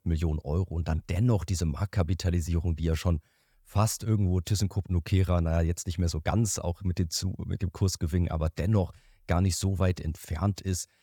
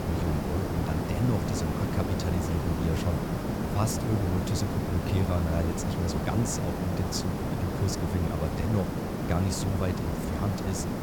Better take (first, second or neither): first